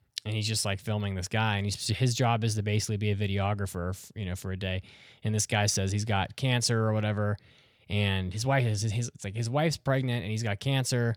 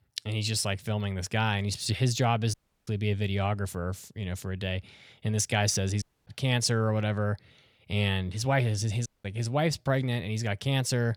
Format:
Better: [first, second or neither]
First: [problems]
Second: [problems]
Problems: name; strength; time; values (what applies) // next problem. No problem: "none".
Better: first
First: none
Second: audio cutting out; at 2.5 s, at 6 s and at 9 s